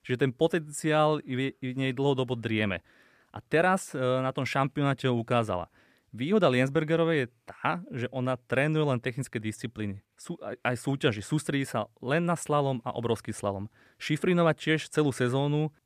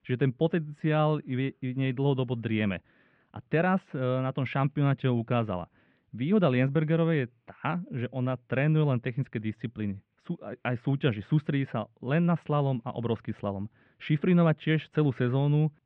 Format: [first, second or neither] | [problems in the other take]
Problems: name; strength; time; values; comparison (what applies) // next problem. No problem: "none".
first | muffled; very; fading above 3 kHz